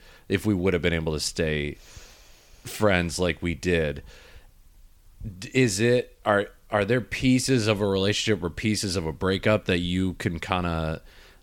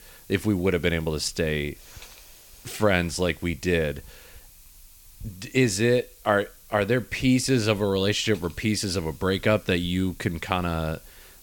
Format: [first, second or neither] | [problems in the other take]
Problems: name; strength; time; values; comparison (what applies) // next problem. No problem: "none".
first | hiss; faint; throughout; 25 dB below the speech